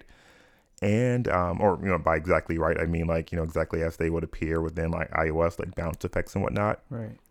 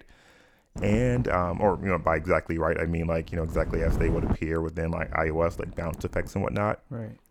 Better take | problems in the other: first | wind noise on the microphone; occasional gusts; from 1 to 2.5 s, from 3 to 4.5 s and from 5 to 6.5 s; 15 dB below the speech

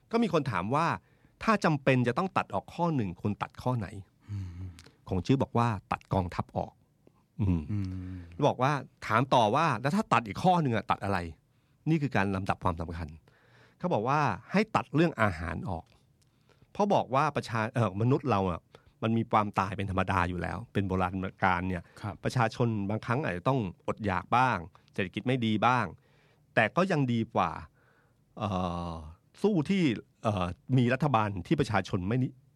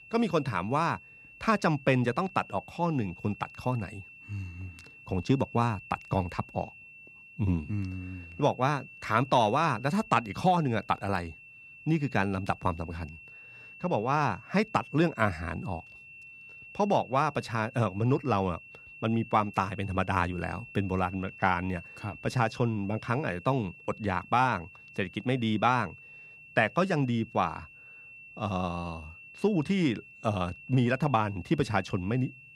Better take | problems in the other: first | high-pitched whine; noticeable; throughout; 2.5 kHz, 20 dB below the speech

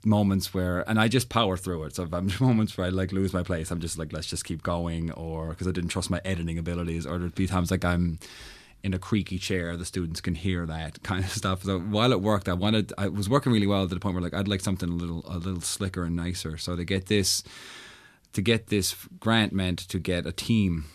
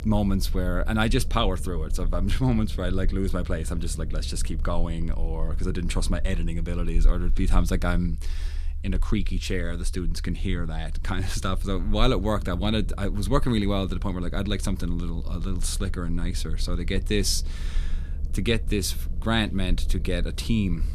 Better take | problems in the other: first | low rumble; faint; throughout; 20 dB below the speech

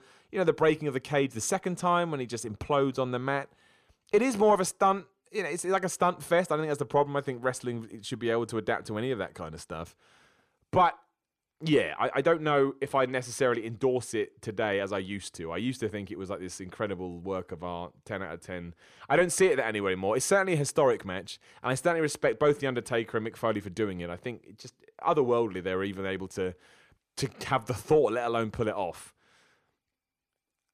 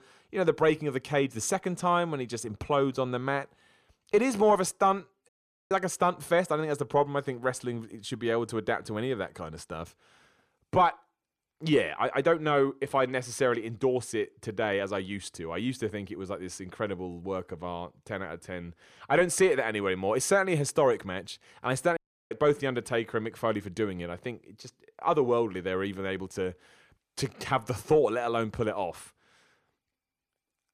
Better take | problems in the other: first | audio cutting out; at 5.5 s and at 22 s

